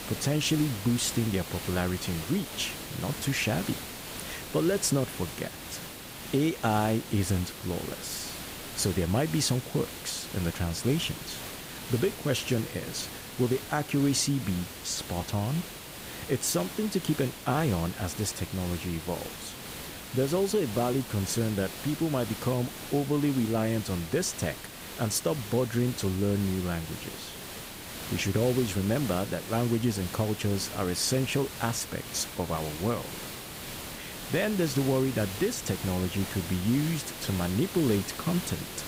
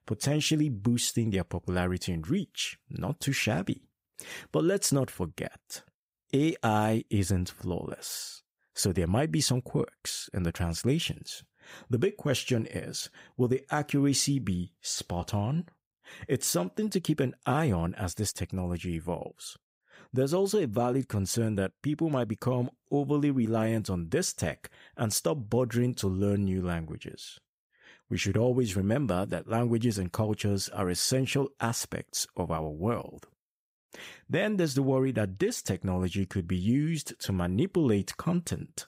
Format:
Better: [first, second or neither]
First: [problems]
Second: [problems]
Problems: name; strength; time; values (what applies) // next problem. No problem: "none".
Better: second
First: hiss; loud; throughout; 9 dB below the speech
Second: none